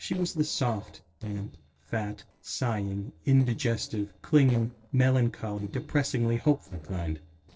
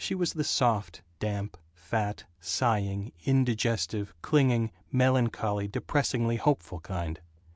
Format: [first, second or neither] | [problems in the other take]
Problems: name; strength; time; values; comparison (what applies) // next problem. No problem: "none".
second | noise reduction (neural separator model SepFormer DNS4)